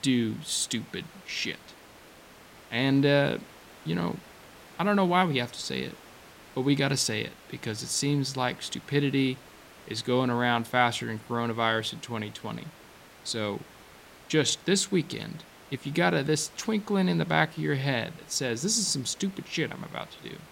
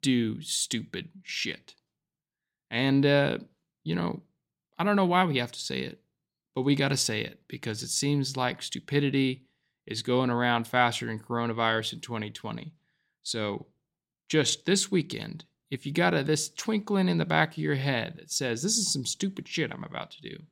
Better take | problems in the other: second | hiss; faint; throughout; 20 dB below the speech

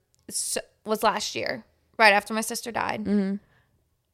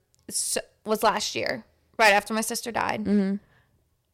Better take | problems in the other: first | distortion; slight; 1.1% of the sound clipped

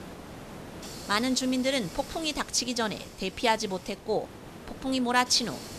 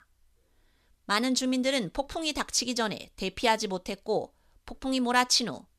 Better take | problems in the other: second | hiss; noticeable; throughout; 15 dB below the speech

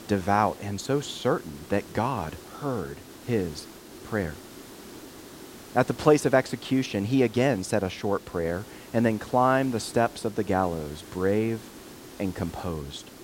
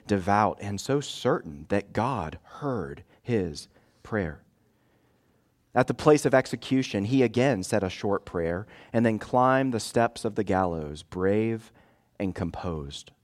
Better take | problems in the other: second | hiss; noticeable; throughout; 20 dB below the speech

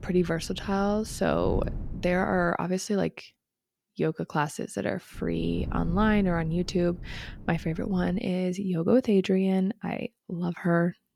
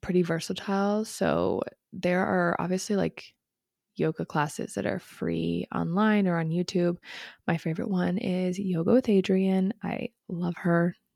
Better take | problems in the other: second | wind noise on the microphone; occasional gusts; until 2.5 s and from 5 to 8 s; 20 dB below the speech

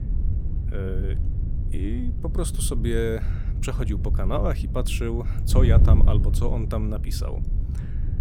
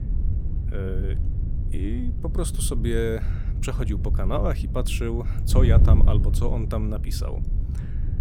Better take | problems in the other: neither | wind noise on the microphone; heavy; 8 dB below the speech; the same in both

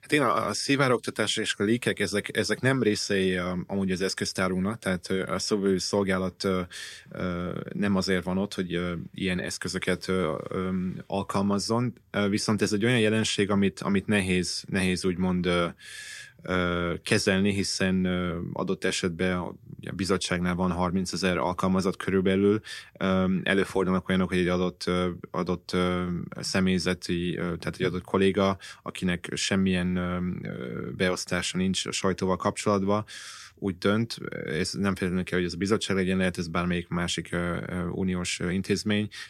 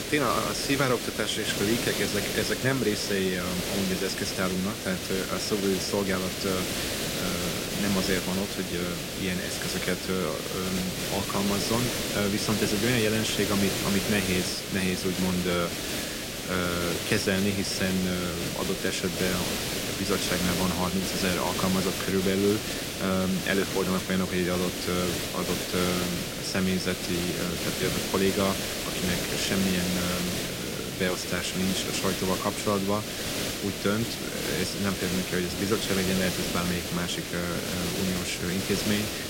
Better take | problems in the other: first | hiss; loud; throughout; 1 dB below the speech

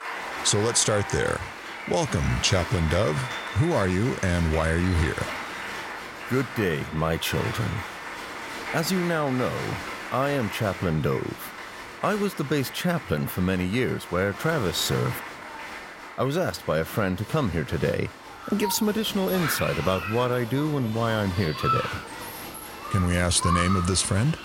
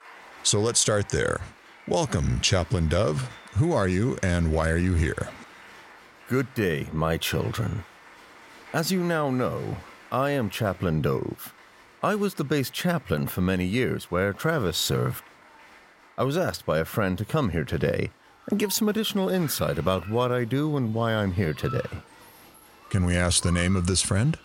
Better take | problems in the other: second | crowd noise; loud; throughout; 8 dB below the speech; faint in the second

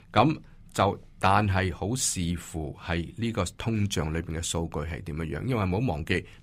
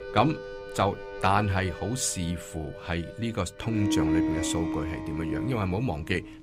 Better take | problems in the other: first | background music; loud; throughout; 3 dB below the speech

